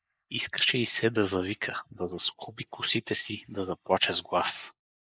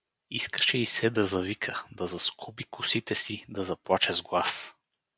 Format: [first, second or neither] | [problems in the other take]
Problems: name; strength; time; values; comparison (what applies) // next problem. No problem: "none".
second | noise reduction (neural mask model Resemble Enhance denoiser)